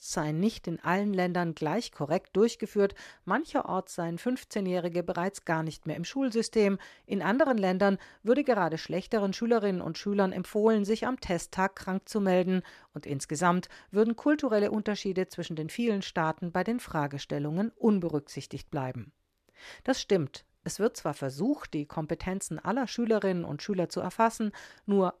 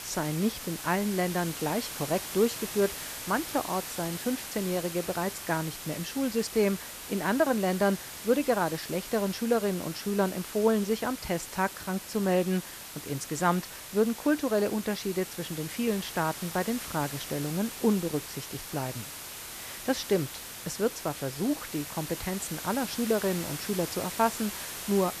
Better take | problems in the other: first | hiss; loud; throughout; 8 dB below the speech

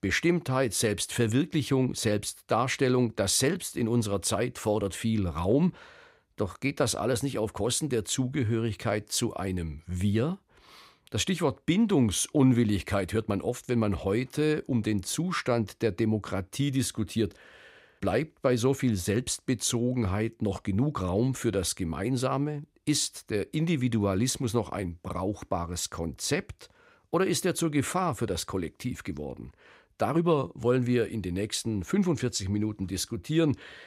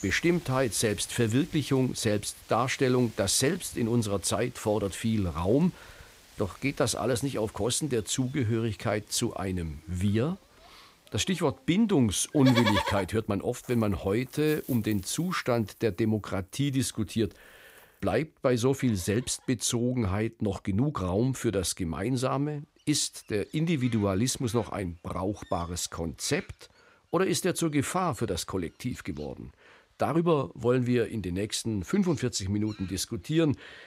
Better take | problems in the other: first | animal sounds; noticeable; throughout; 15 dB below the speech

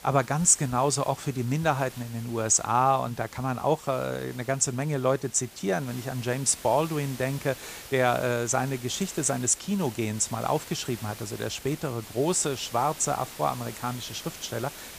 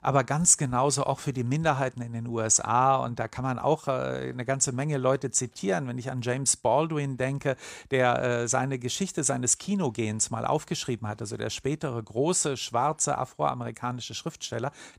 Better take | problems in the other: second | hiss; noticeable; throughout; 15 dB below the speech

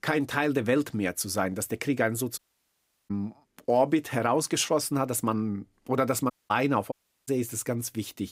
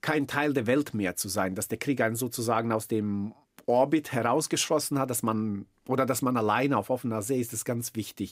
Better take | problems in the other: second | audio cutting out; at 2.5 s for 0.5 s, at 6.5 s and at 7 s

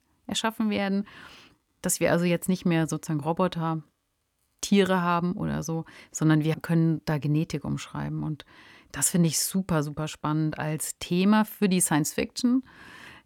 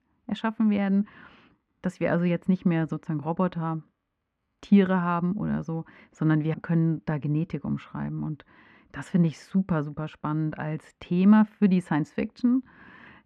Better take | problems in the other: first | muffled; very; fading above 2 kHz

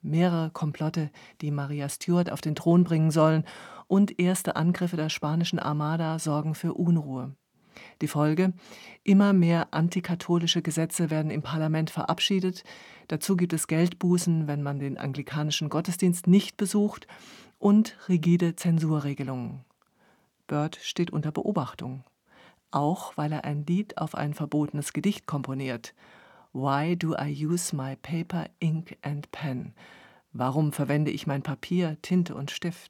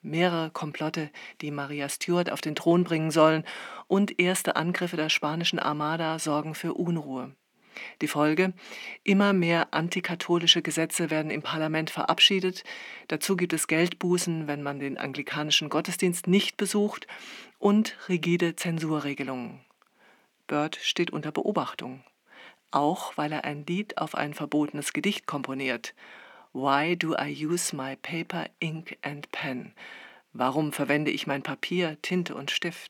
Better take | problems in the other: first | thin; very slightly; fading below 300 Hz

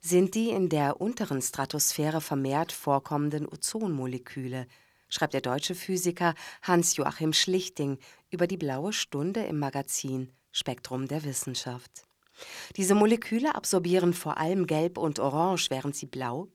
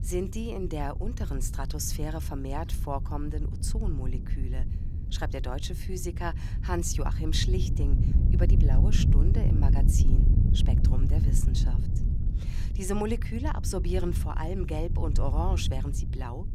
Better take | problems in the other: first | wind noise on the microphone; heavy; 7 dB below the speech

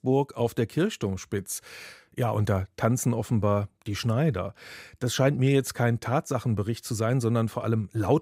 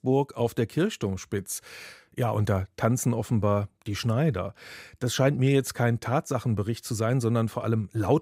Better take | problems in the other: neither | none

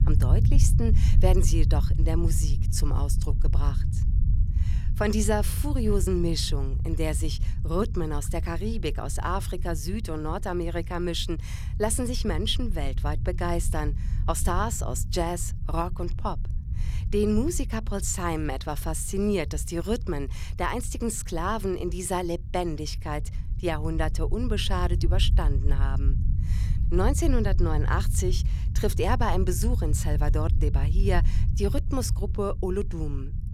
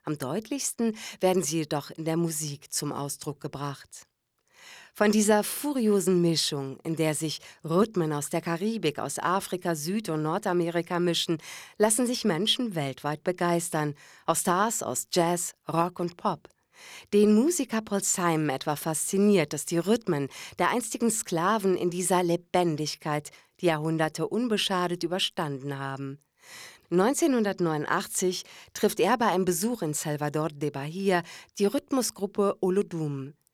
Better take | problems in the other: second | low rumble; noticeable; throughout; 15 dB below the speech

